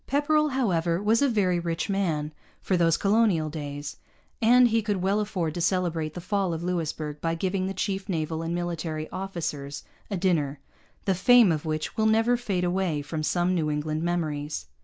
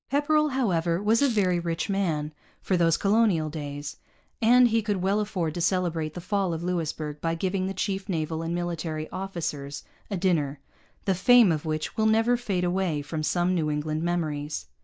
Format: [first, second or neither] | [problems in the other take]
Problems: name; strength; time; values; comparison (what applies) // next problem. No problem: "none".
first | noise reduction (neural mask model DeepFilterNet 3)